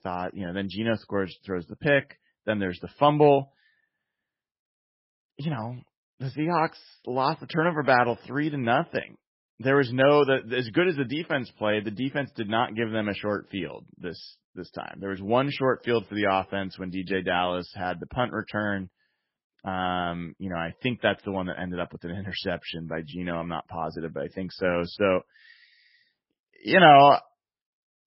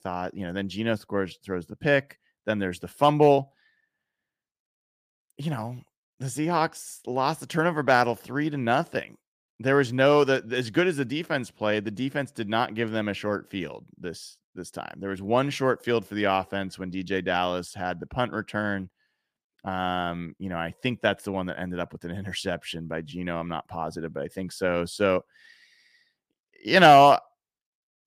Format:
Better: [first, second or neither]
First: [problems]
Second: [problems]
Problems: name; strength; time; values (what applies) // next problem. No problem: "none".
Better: second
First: garbled, watery; badly; nothing above 5.5 kHz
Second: none